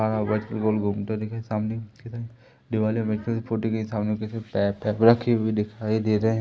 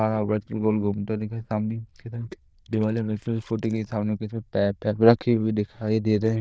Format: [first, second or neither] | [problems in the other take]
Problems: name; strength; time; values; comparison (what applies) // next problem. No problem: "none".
first | noise reduction (neural diffusion model UNIVERSE++)